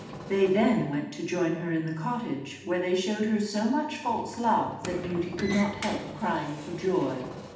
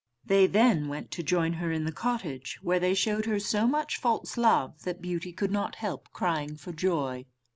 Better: second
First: background sound (Sliding door); 14 dB below the speech // room echo; dies away in 0.8 s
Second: none

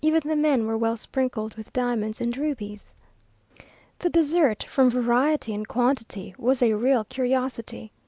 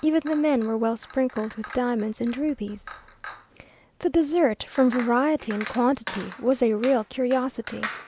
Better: first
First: none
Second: background sound (Chink, clink); 16 dB below the speech

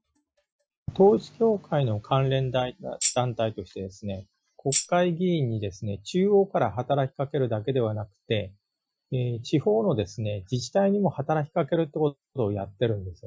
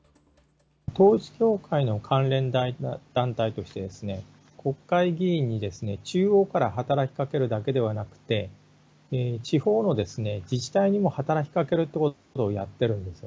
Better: second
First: noise reduction (classical method Wiener filter)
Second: none

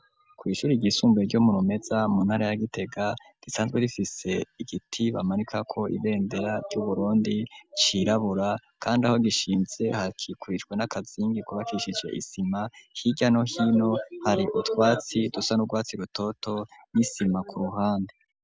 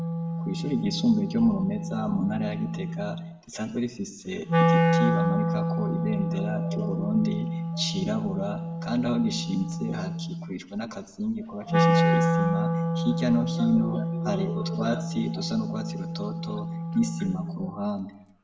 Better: first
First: none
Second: background sound (Wind instrument, woodwind instrument); 1 dB above the speech // room echo; dies away in 0.7 s

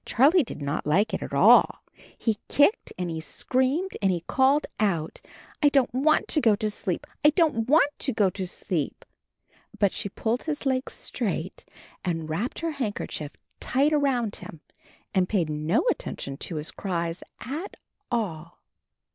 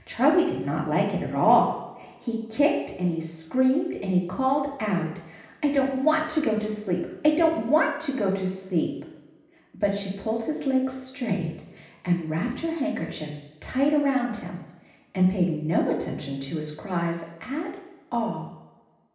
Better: first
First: none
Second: room echo; dies away in 0.9 s

